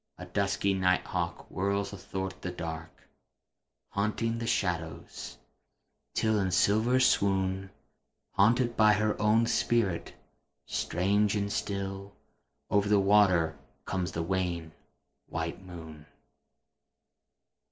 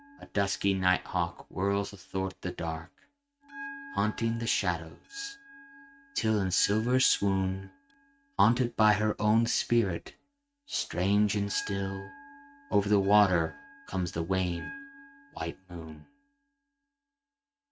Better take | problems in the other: first | noise reduction (neural mask model RNNoise)

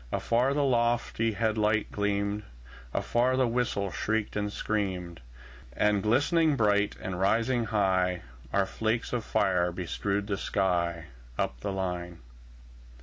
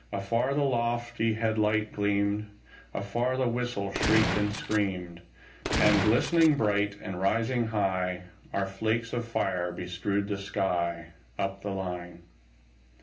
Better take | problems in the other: first | background sound (Gunshot, gunfire); 2 dB below the speech // room echo; dies away in 0.3 s

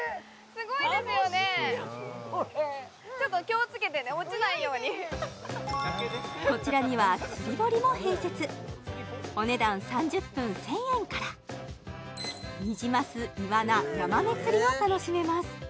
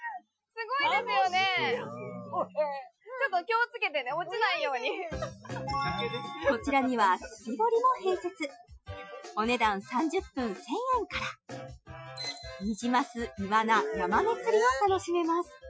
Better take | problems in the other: first | noise reduction (classical method Wiener filter)

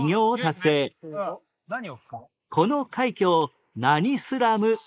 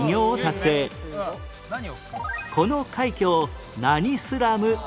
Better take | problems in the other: second | noise reduction (neural mask model Resemble Enhance denoiser)

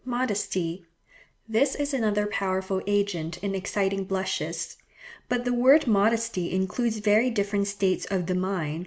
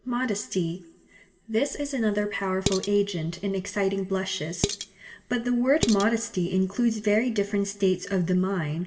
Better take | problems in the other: first | background sound (Dishes, pots, and pans); 7 dB below the speech // room echo; dies away in 1.5 s

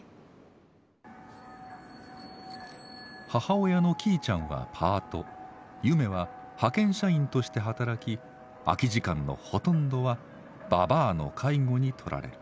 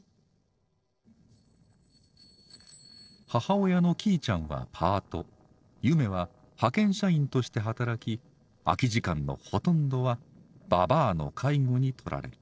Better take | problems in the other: first | noise reduction (neural separator model SepFormer DNS4)

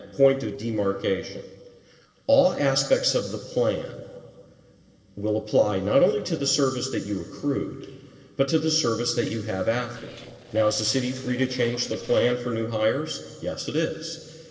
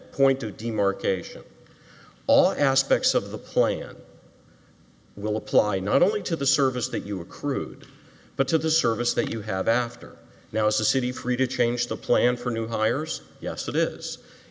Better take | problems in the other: second | noise reduction (neural separator model SepFormer DNS4)

